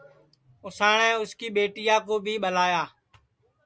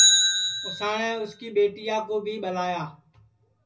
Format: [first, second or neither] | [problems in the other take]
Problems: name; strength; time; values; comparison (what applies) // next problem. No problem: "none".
first | background sound (Bicycle); 3 dB above the speech // room echo; dies away in 0.4 s